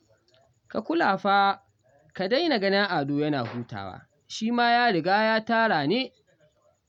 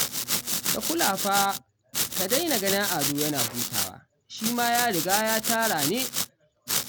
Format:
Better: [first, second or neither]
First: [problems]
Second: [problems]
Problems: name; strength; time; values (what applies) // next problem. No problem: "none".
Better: first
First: none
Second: background sound (Domestic sounds, home sounds); as loud as the speech